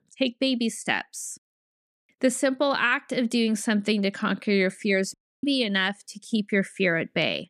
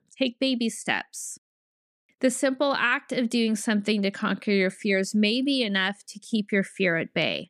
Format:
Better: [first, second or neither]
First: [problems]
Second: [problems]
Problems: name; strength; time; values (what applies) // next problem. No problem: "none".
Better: second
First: audio cutting out; at 5 s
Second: none